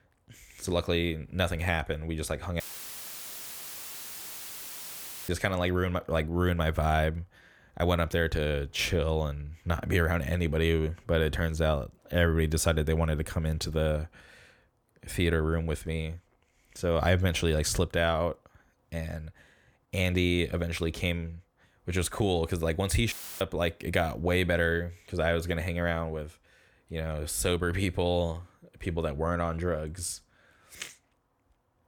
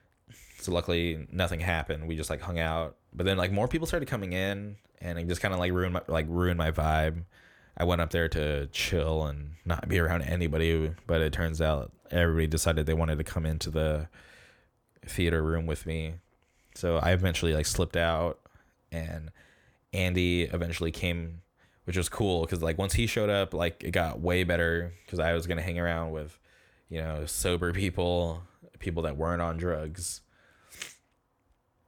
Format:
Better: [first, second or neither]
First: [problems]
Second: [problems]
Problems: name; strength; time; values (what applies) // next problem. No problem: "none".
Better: second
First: audio cutting out; filled with static; at 2.5 s for 2.5 s and at 23 s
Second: none